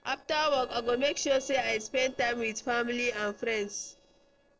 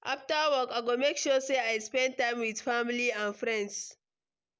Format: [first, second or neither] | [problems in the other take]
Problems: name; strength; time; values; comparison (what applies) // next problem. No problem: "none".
second | noise reduction (neural separator model SepFormer DNS4)